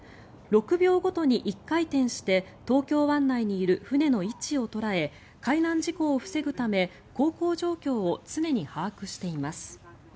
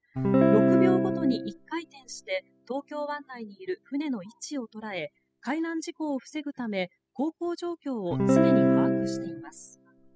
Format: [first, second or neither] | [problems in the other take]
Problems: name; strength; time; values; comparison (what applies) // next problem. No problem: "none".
first | noise reduction (classical method spectral subtraction)